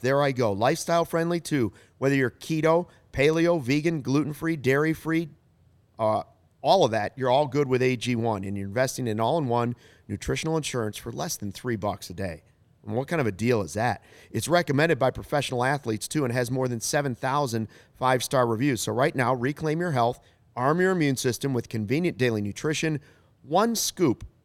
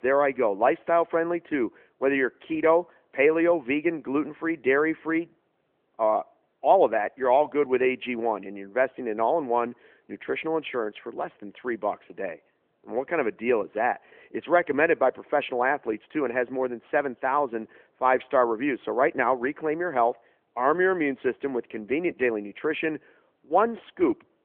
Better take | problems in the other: first | phone-call audio

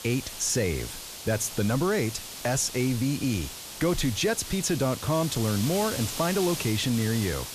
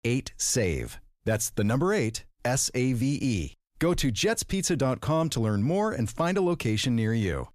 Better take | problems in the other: second | hiss; loud; throughout; 8 dB below the speech

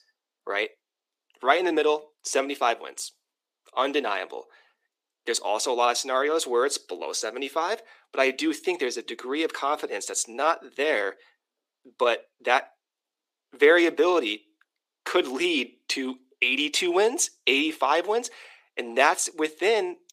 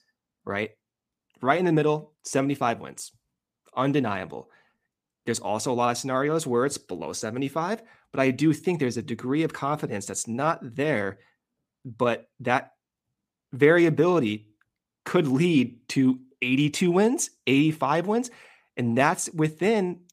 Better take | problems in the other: second | thin; somewhat; fading below 350 Hz

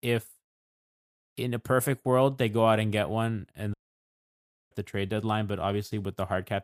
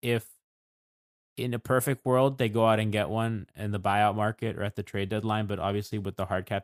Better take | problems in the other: second | audio cutting out; at 3.5 s for 1 s

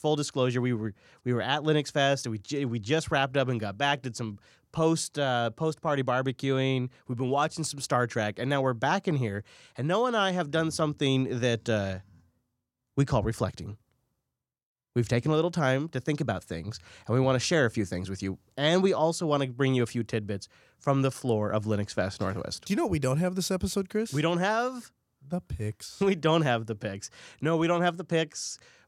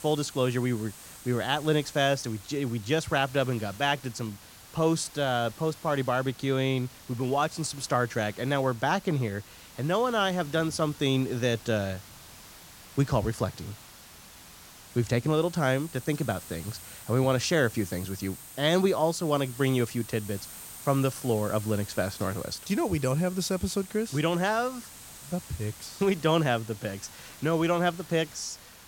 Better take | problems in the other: first | hiss; noticeable; throughout; 15 dB below the speech

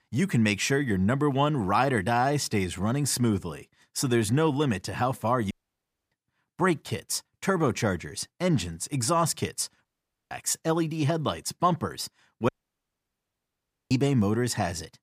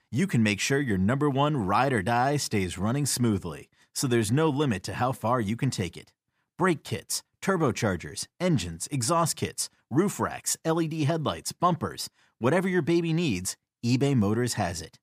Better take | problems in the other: second | audio cutting out; at 5.5 s for 0.5 s, at 10 s and at 12 s for 1.5 s

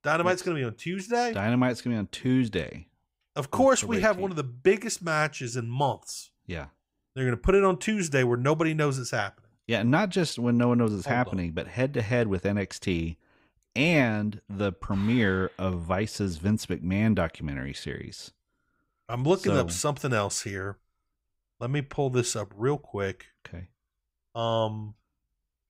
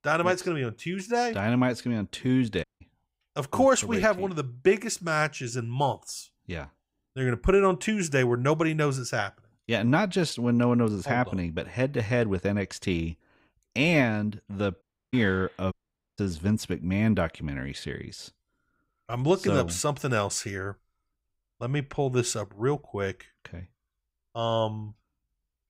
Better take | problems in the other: first | audio cutting out; at 2.5 s, at 15 s and at 16 s

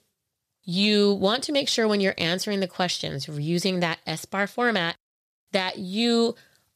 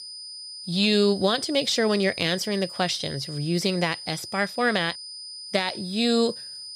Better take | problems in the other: first | high-pitched whine; noticeable; throughout; 5 kHz, 10 dB below the speech

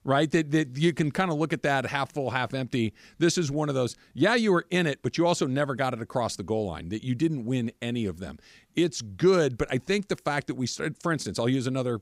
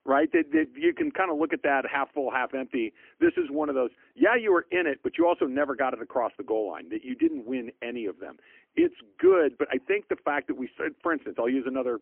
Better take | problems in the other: first | phone-call audio; poor line; nothing above 3 kHz

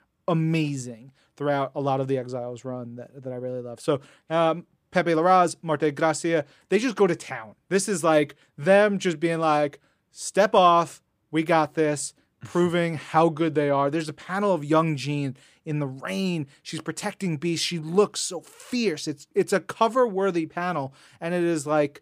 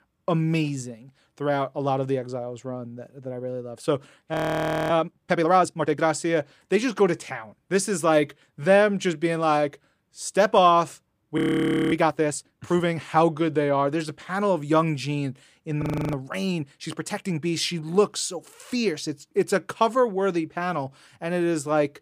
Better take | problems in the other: first | audio freezing; at 4.5 s for 0.5 s, at 11 s for 0.5 s and at 16 s

